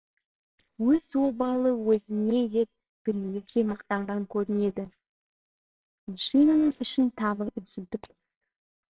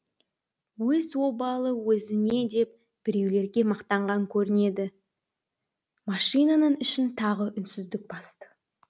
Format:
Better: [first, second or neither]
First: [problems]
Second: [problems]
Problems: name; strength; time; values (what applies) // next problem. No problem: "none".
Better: second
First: noise reduction (neural separator model SepFormer WHAMR!)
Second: none